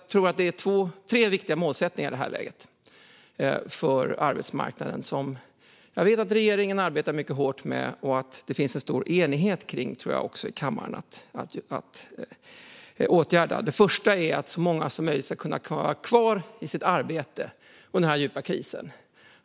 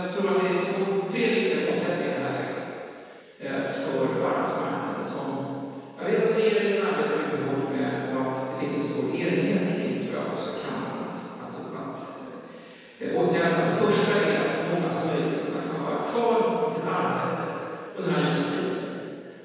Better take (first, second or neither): first